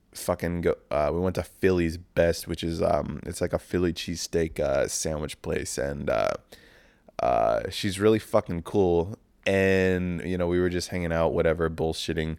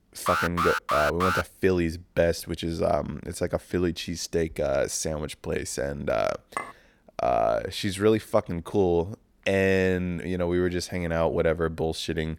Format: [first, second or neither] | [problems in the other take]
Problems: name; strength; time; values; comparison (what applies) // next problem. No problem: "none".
first | alarm; loud; until 1.5 s; peak 1 dB above the speech // clattering dishes; noticeable; at 6.5 s; peak 9 dB below the speech